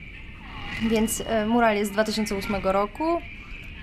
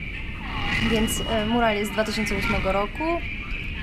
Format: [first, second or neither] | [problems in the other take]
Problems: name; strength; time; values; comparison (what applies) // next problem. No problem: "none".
first | wind noise on the microphone; heavy; 2 dB below the speech; occasional gusts in the first